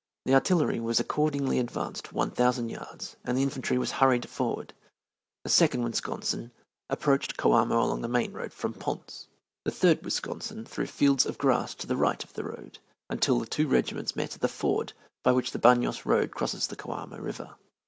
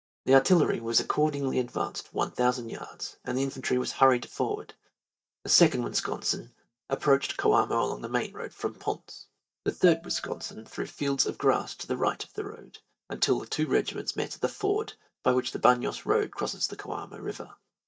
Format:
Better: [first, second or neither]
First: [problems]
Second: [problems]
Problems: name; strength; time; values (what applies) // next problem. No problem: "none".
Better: first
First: none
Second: noise reduction (neural mask model DeepFilterNet 3)